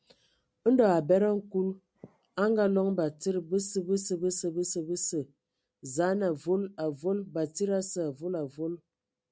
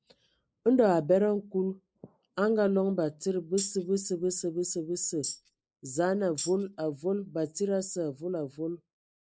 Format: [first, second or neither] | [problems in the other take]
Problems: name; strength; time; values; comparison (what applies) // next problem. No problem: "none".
first | noise reduction (neural mask model Resemble Enhance denoiser)